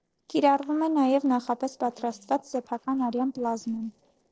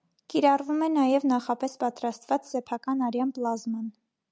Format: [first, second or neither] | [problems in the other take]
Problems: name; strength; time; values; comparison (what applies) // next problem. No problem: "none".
second | noise reduction (neural separator model SepFormer DNS4)